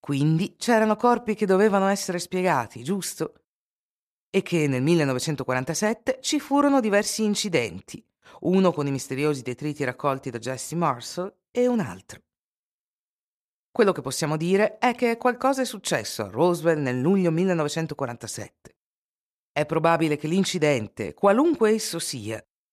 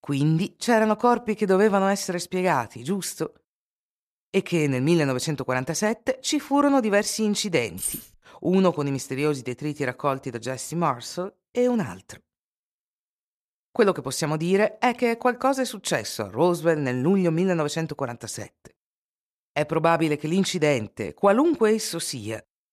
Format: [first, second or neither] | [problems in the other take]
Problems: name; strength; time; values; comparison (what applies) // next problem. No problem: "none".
first | jangling keys; noticeable; at 8 s; peak 5 dB below the speech